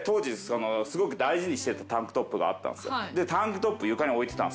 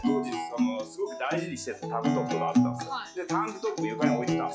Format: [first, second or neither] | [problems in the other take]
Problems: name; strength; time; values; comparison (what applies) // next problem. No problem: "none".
first | noise reduction (classical method log-MMSE)